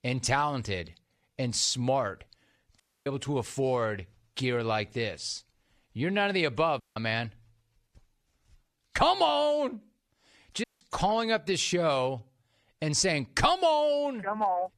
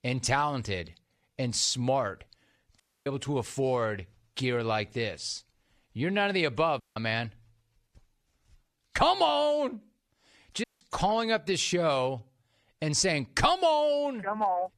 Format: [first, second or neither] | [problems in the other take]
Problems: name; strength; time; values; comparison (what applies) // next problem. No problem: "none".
neither | audio cutting out; at 3 s, at 7 s and at 11 s; the same in both